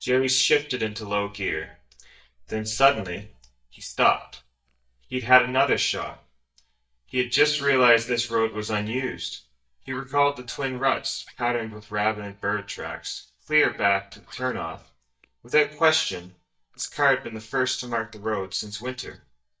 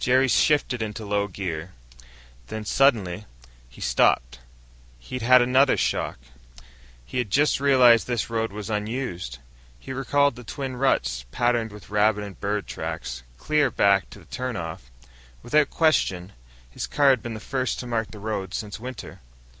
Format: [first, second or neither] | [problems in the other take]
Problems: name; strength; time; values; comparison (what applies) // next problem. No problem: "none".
second | noise reduction (neural mask model DeepFilterNet 3)